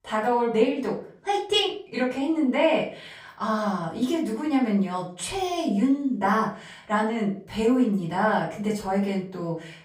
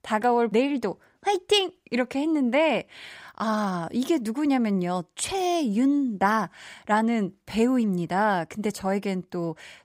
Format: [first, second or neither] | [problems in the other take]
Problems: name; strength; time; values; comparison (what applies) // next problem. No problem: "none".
second | off-mic speech; far // room echo; slight; dies away in 0.4 s